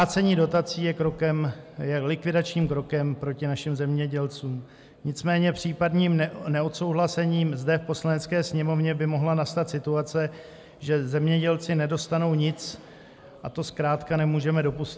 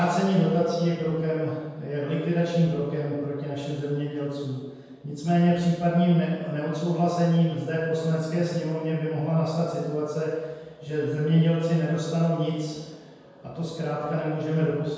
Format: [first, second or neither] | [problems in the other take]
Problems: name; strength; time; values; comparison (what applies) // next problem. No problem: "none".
first | room echo; dies away in 1.2 s